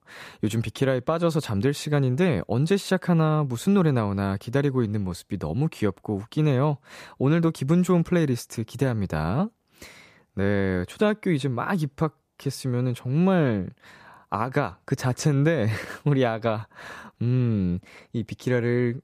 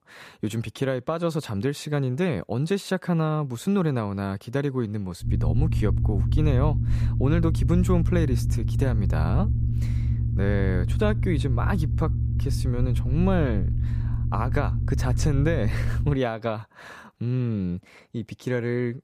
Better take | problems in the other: first | low rumble; loud; from 5.5 to 16 s; 9 dB below the speech

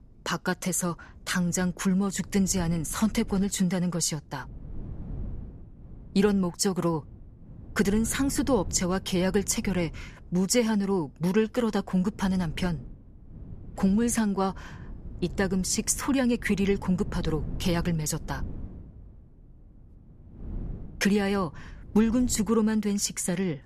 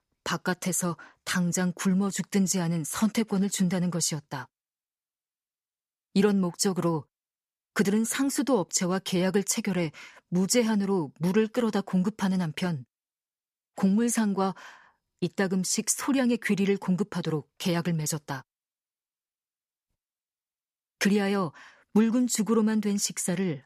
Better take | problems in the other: second | wind noise on the microphone; occasional gusts; 20 dB below the speech

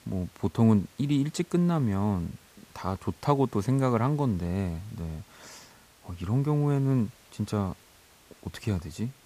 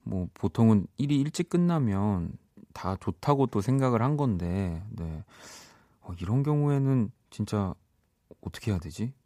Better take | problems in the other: second | hiss; faint; throughout; 25 dB below the speech

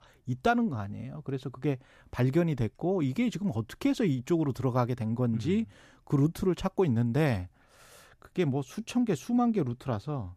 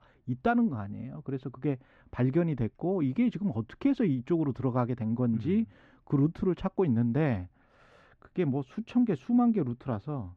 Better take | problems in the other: first | muffled; slightly; fading above 2.5 kHz

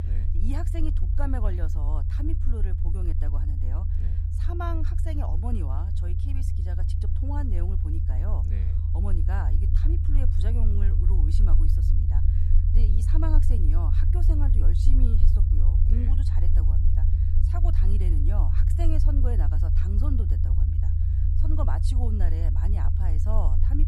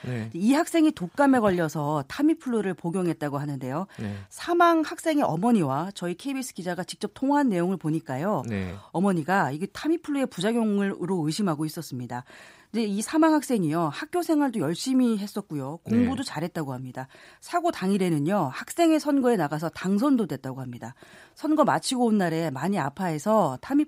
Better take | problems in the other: second | low rumble; loud; throughout; 2 dB below the speech

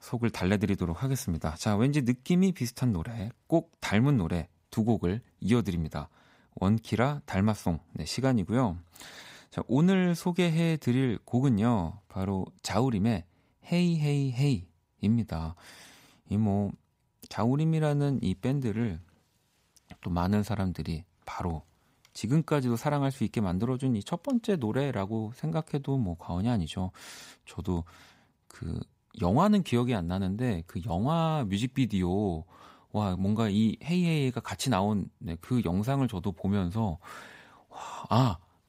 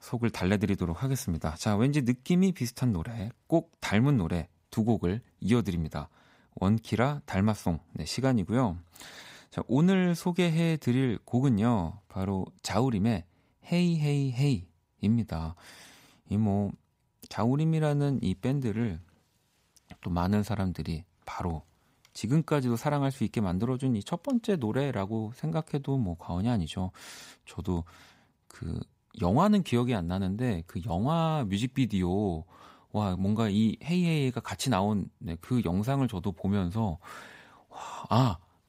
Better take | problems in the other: neither | none

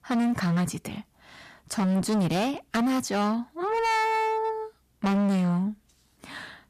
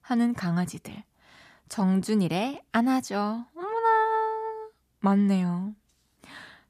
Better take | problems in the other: second | distortion; heavy; 21% of the sound clipped

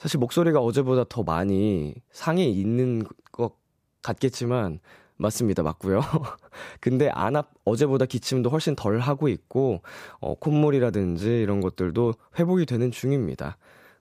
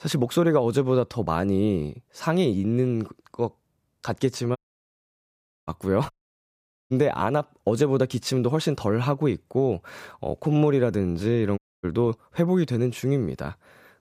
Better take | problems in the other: first | audio cutting out; at 4.5 s for 1 s, at 6 s for 1 s and at 12 s

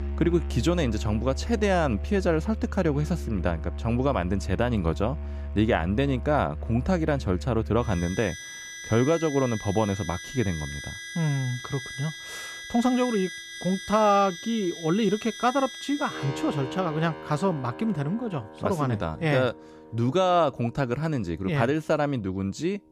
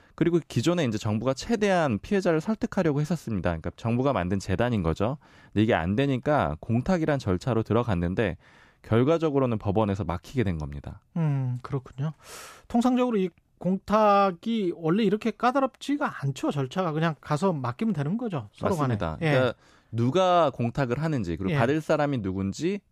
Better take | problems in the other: second | background music; loud; throughout; 10 dB below the speech

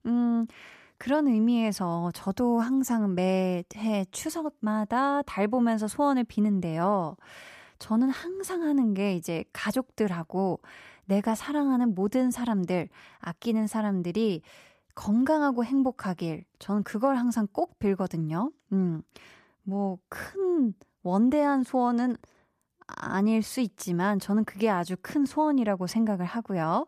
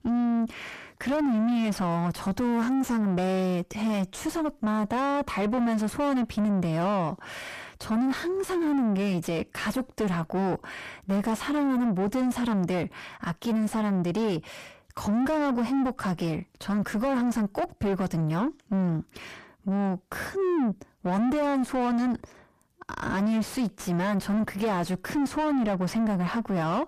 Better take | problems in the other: first | distortion; heavy; 6 dB below the speech

